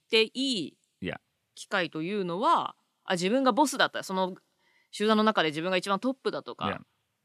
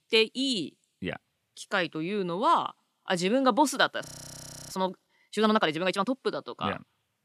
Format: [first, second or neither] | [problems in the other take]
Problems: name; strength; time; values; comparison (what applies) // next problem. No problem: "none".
first | audio freezing; at 4 s for 0.5 s